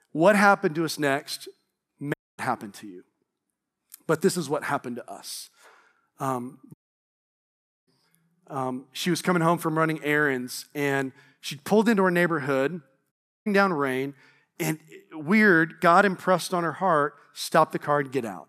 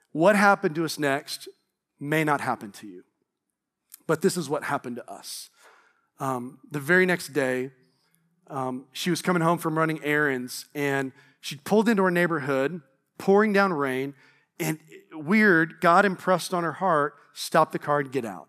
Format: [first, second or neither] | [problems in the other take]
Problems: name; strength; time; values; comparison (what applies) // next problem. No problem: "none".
second | audio cutting out; at 2 s, at 6.5 s for 1 s and at 13 s